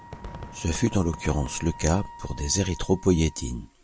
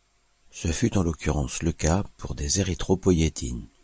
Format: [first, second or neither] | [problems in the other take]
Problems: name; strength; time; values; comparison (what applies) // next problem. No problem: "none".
second | background sound (Fireworks + Wind instrument, woodwind instrument); 16 dB below the speech